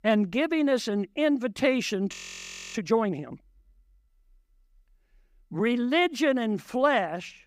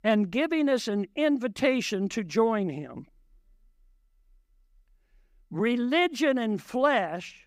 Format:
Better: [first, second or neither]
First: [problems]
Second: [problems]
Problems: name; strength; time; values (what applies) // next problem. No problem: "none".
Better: second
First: audio freezing; at 2 s for 0.5 s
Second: none